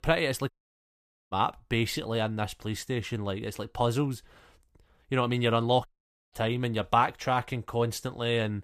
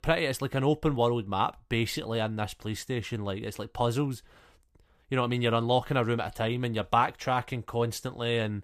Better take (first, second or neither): second